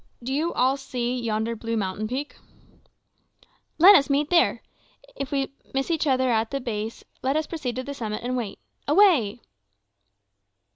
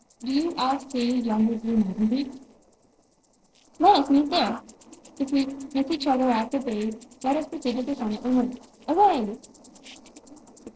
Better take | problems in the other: first | noise reduction (neural separator model SepFormer DNS4)

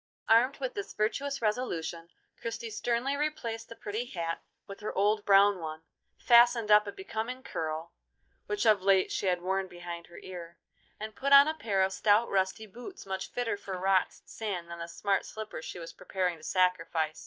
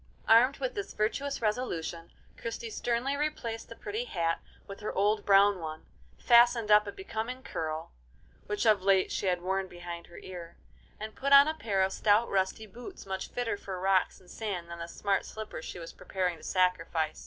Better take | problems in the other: second | noise reduction (neural mask model DeepFilterNet 3)

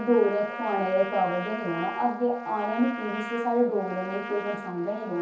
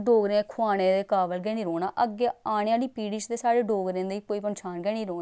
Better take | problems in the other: second | background sound (Trumpet); 10 dB below the speech // room echo; dies away in 0.6 s

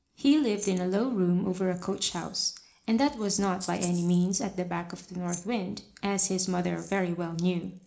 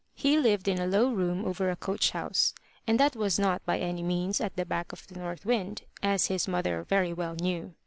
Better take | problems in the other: second | background sound (Rattle (instrument)); 20 dB below the speech // room echo; dies away in 0.4 s

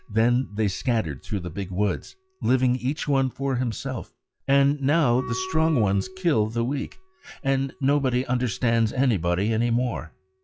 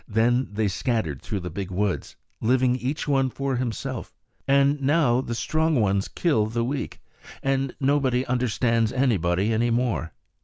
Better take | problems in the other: second | noise reduction (classical method log-MMSE)

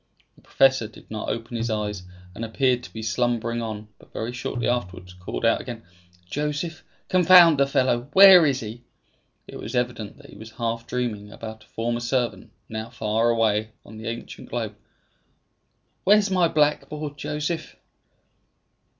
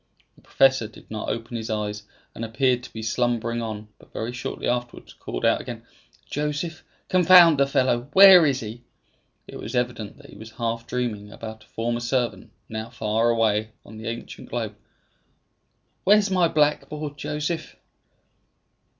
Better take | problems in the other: second | background sound (Tabla); 13 dB below the speech

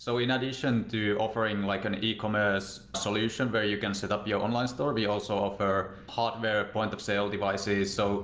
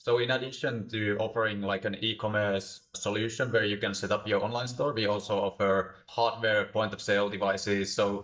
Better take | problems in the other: first | noise reduction (neural mask model DeepFilterNet 3)

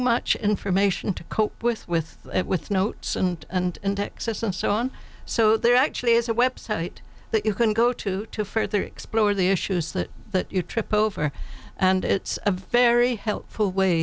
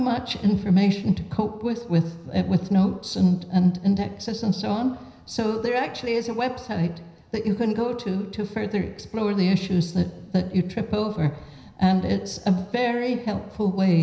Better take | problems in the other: first | room echo; dies away in 0.9 s

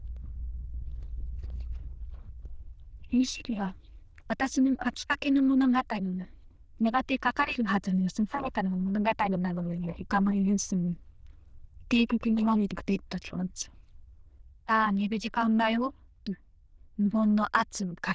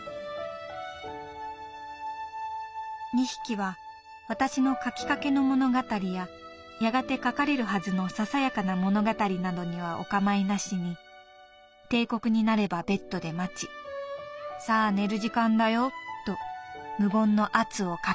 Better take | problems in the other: second | noise reduction (neural diffusion model UNIVERSE++)

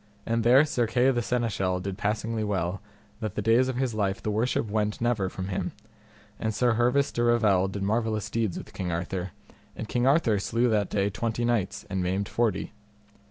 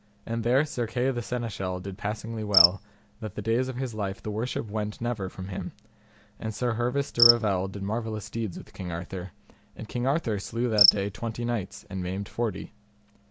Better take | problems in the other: first | background sound (Cricket); 2 dB below the speech

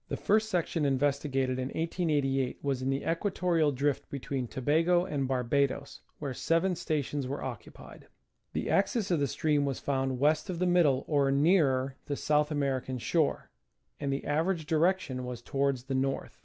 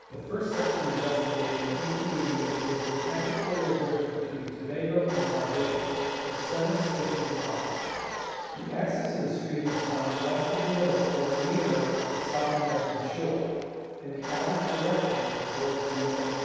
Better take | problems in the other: first | background sound (Domestic sounds, home sounds); 5 dB below the speech // room echo; dies away in 2.2 s

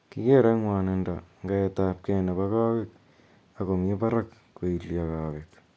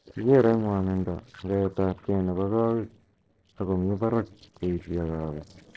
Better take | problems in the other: first | noise reduction (neural separator model SepFormer DNS4)

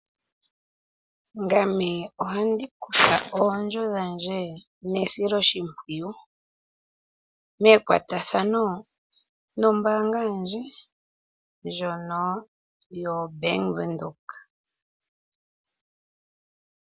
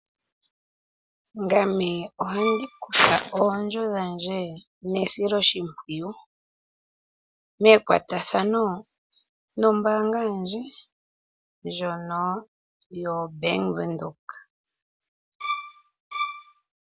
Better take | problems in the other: first | background sound (Bowed string instrument); 6 dB below the speech

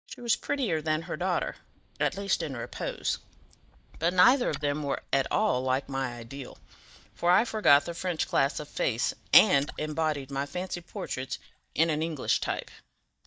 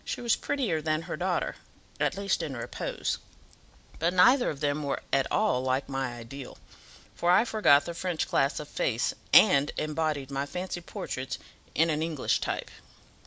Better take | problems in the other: second | noise reduction (neural mask model DeepFilterNet 3)

